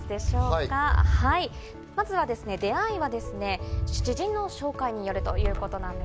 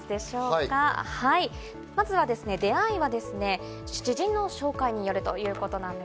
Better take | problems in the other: second | background sound (Thunder); as loud as the speech

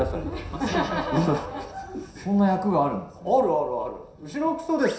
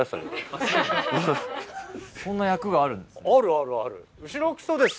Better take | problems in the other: second | background sound (Boom); 17 dB below the speech // room echo; dies away in 0.7 s

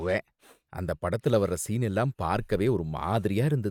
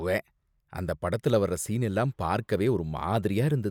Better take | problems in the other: second | noise reduction (neural mask model RNNoise)

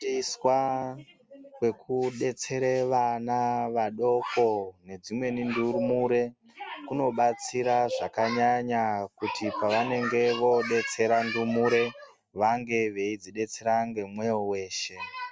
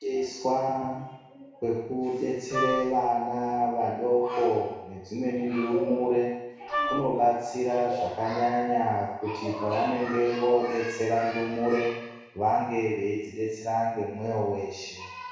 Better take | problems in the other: first | background sound (Wind instrument, woodwind instrument); 4 dB below the speech // room echo; dies away in 1.1 s

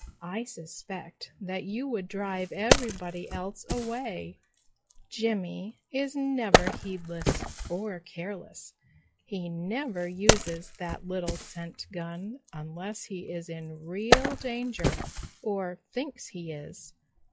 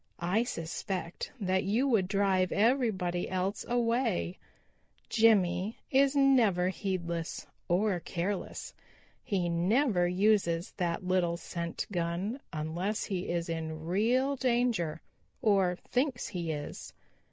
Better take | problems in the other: second | noise reduction (classical method log-MMSE)

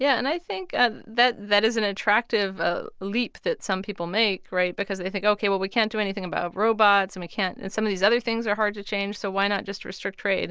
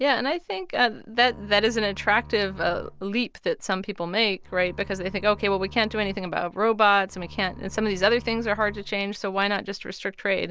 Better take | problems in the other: first | background sound (Bowed string instrument); 19 dB below the speech

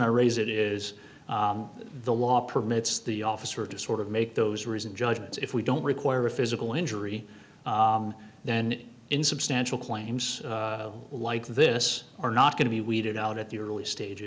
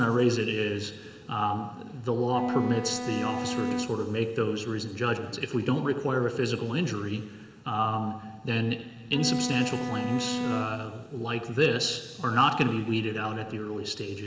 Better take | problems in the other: first | background sound (Bowed string instrument); 3 dB below the speech // room echo; dies away in 3 s

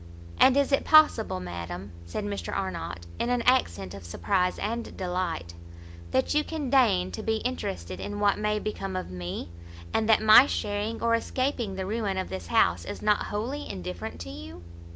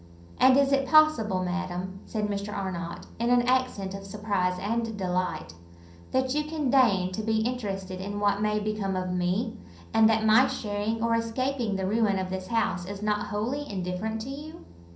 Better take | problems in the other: first | room echo; dies away in 0.6 s

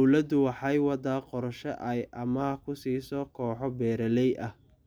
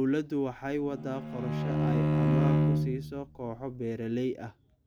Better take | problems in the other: first | background sound (Bowed string instrument); 5 dB above the speech

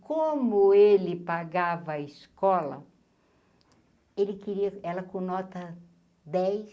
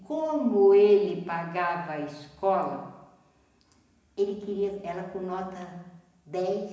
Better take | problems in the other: first | room echo; dies away in 1 s

